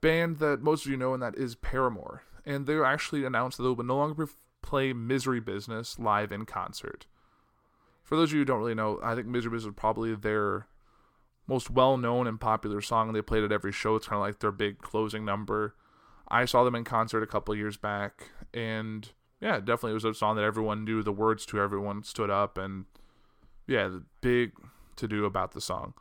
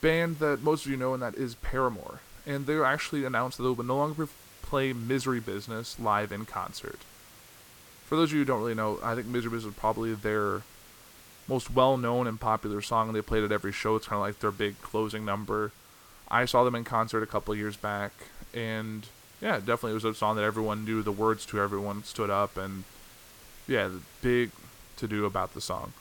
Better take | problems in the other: first | hiss; faint; throughout; 20 dB below the speech

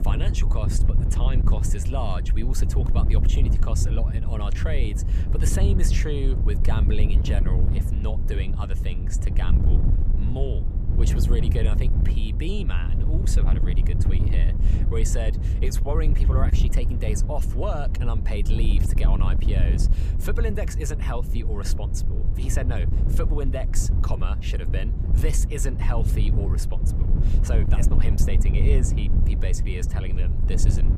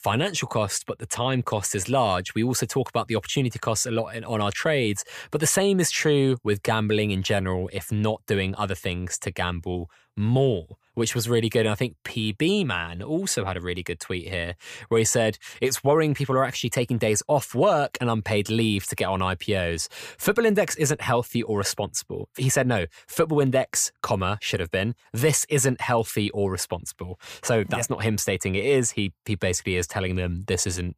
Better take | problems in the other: second | wind noise on the microphone; heavy; 4 dB below the speech

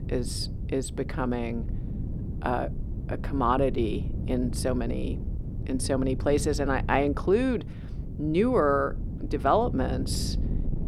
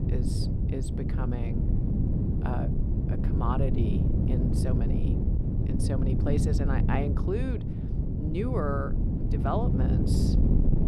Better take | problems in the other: first | wind noise on the microphone; heavy; 1 dB below the speech; occasional gusts in the first

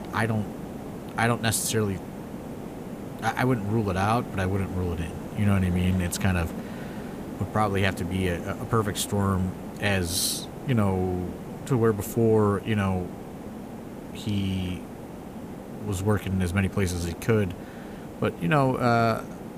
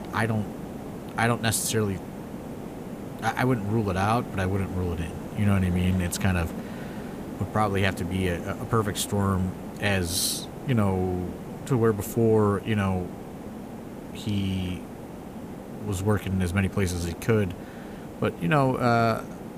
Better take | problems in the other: neither | hiss; noticeable; throughout; 10 dB below the speech; the same in both

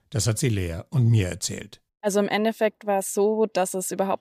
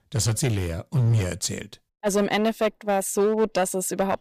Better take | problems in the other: first | distortion; slight; 7% of the sound clipped

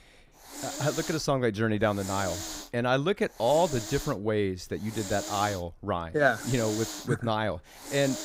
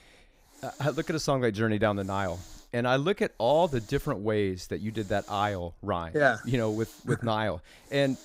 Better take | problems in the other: second | hiss; loud; throughout; 9 dB below the speech; faint in the second

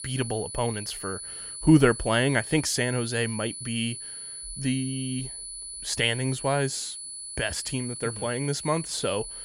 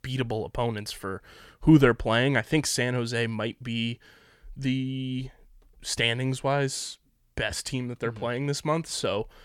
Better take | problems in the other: second | high-pitched whine; loud; throughout; 10 kHz, 8 dB below the speech

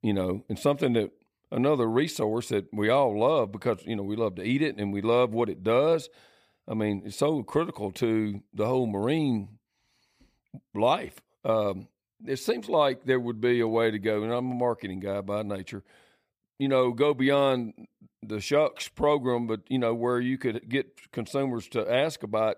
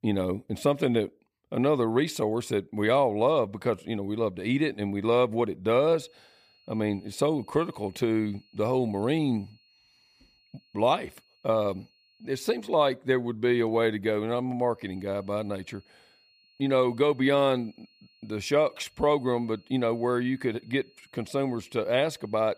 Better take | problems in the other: first | high-pitched whine; faint; from 6 to 13 s and from 15 s on; 4.5 kHz, 35 dB below the speech

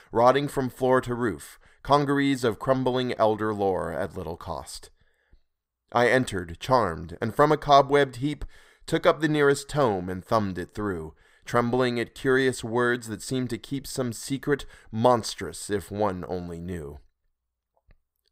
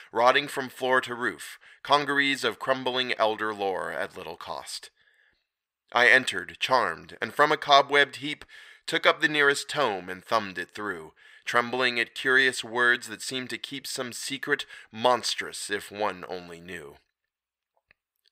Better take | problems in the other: first | thin; somewhat; fading below 600 Hz

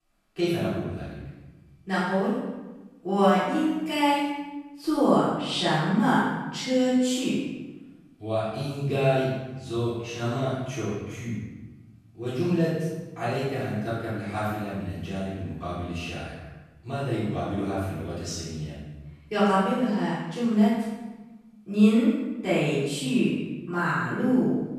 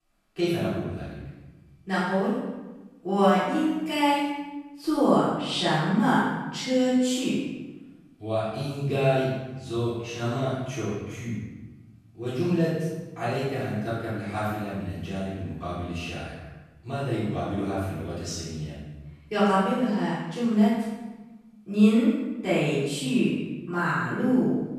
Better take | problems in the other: neither | room echo; strong; dies away in 1.1 s; the same in both // off-mic speech; far; the same in both

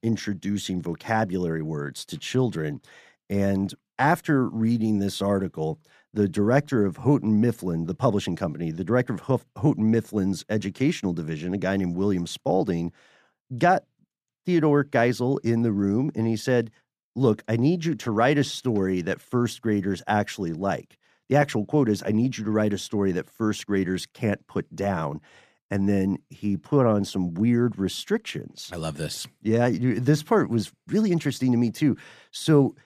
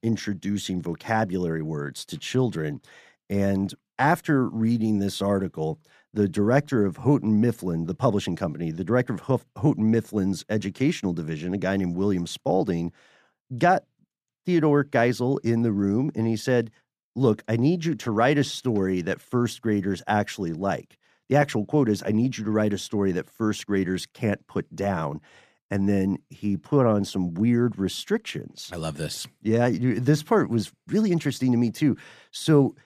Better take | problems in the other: neither | none

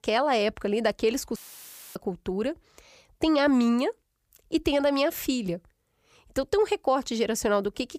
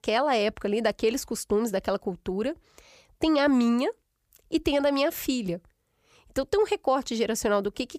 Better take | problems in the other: second | audio cutting out; filled with static; at 1.5 s for 0.5 s

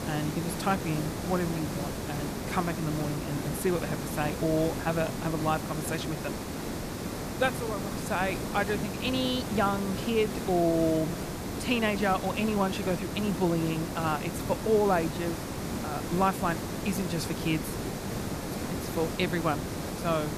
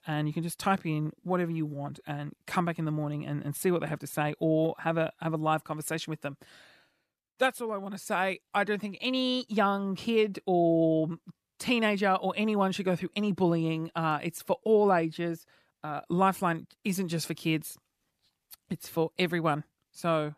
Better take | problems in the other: second | hiss; loud; throughout; 4 dB below the speech

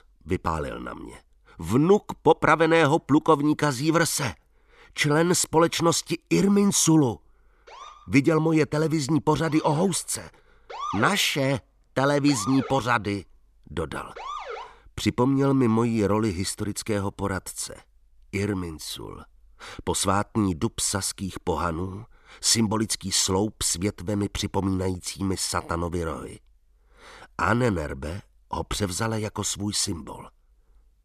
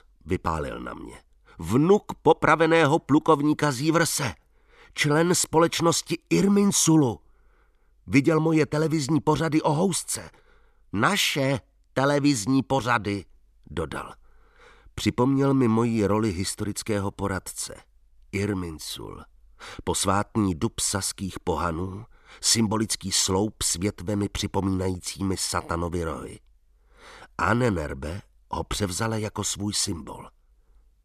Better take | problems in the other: second | siren; noticeable; from 7.5 to 15 s; peak 7 dB below the speech

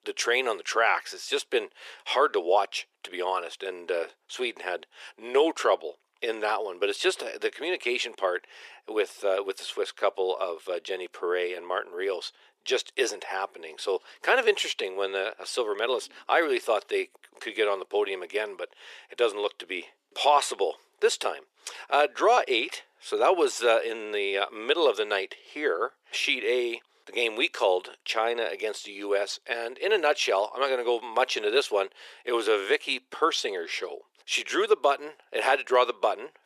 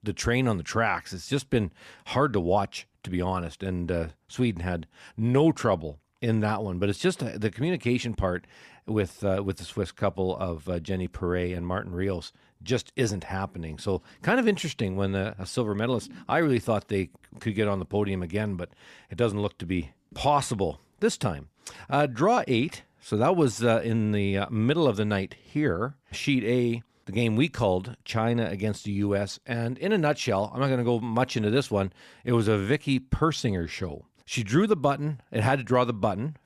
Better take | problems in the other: second | thin; very; fading below 400 Hz

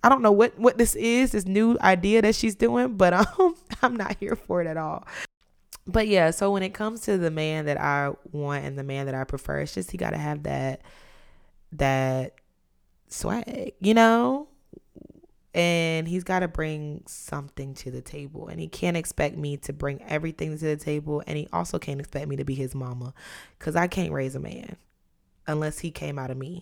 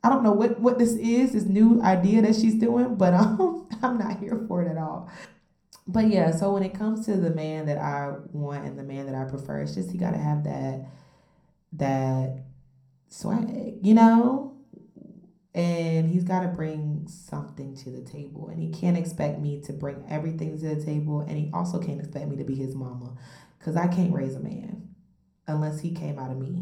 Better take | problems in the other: first | room echo; slight; dies away in 0.5 s // off-mic speech; somewhat distant

